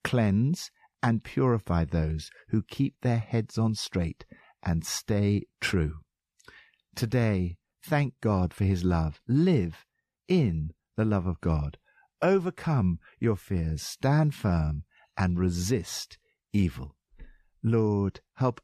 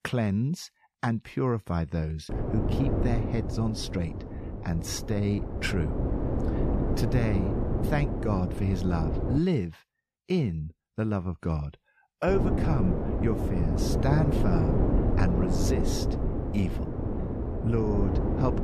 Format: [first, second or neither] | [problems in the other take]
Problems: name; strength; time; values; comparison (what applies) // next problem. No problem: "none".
first | wind noise on the microphone; heavy; from 2.5 to 9.5 s and from 12 s on; 1 dB below the speech